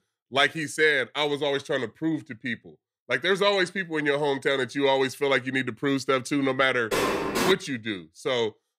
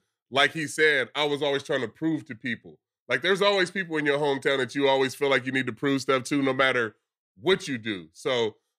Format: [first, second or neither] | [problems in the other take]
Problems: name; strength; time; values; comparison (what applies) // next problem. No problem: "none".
second | door banging; noticeable; at 7 s; peak level with the speech